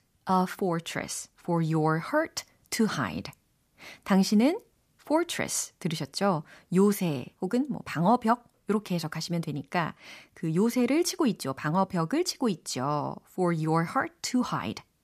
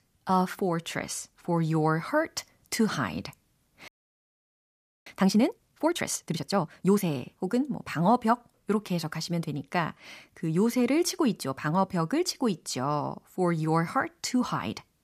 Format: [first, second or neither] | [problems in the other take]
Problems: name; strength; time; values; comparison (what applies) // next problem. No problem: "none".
first | audio freezing; at 4 s for 1 s